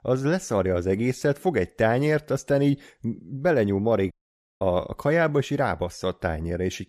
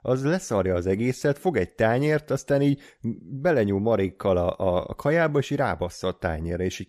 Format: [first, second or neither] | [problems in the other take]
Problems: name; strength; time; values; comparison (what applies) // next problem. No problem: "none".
second | audio cutting out; at 4 s for 0.5 s